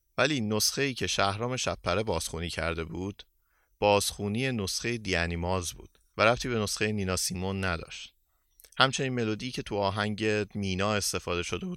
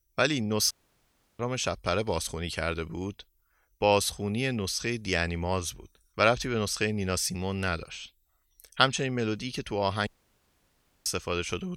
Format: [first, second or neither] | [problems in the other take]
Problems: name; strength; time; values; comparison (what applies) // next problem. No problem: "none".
first | audio cutting out; at 0.5 s for 0.5 s and at 10 s for 1 s